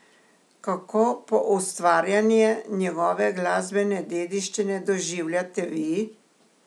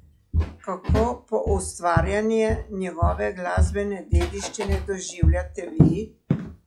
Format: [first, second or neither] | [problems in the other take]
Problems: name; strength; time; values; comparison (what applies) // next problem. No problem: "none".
first | noise reduction (classical method log-MMSE)